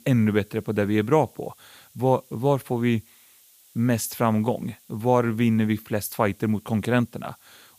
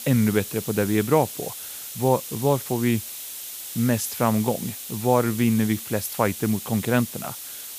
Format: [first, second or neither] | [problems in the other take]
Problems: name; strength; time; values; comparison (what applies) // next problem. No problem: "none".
first | hiss; loud; throughout; 9 dB below the speech; faint in the first